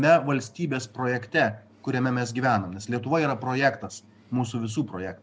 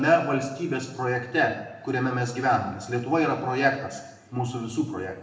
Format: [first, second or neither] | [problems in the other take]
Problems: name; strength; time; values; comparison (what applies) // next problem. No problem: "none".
first | room echo; dies away in 1 s